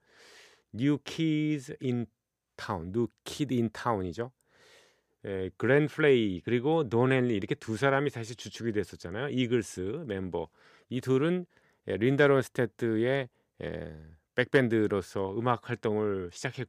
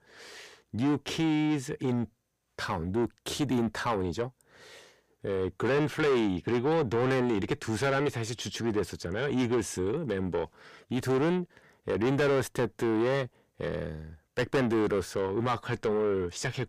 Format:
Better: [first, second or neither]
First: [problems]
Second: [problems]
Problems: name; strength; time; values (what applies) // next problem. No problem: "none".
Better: first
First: none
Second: distortion; heavy; 5 dB below the speech